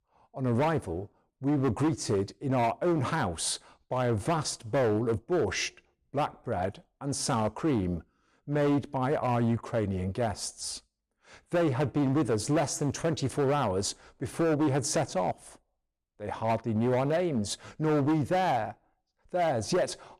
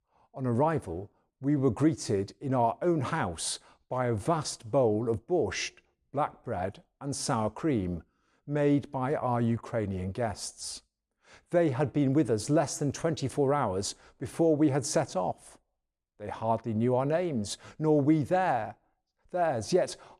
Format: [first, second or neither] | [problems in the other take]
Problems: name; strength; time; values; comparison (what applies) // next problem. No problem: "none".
second | distortion; slight; 10% of the sound clipped